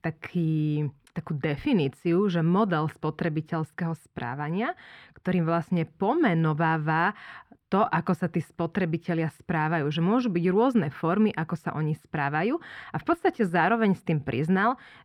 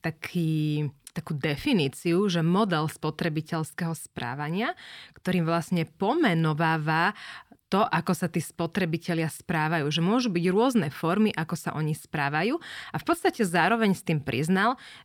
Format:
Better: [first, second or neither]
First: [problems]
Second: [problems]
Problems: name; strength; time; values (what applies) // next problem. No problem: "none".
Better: second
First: muffled; slightly; fading above 3.5 kHz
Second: none